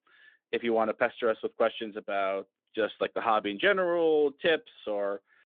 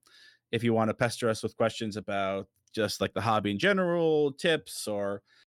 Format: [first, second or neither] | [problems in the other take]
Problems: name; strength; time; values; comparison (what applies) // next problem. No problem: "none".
second | phone-call audio; nothing above 3.5 kHz